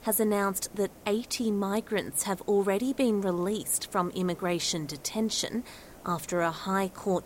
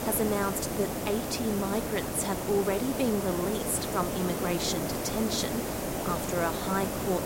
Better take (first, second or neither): first